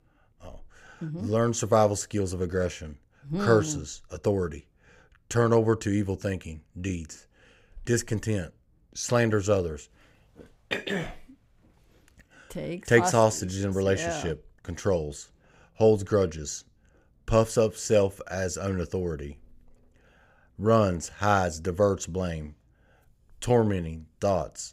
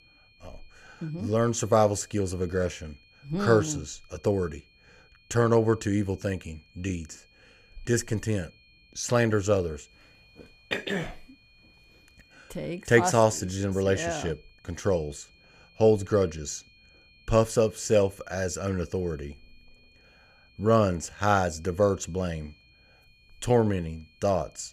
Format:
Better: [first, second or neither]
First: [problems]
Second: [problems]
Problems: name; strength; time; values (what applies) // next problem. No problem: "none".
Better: first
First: none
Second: high-pitched whine; faint; throughout; 2.5 kHz, 30 dB below the speech